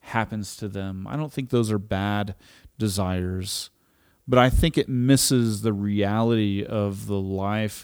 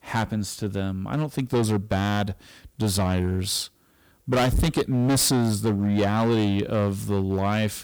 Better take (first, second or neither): first